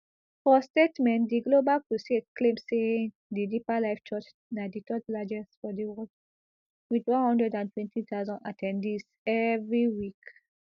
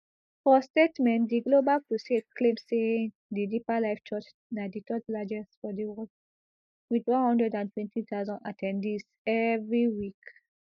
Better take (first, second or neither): first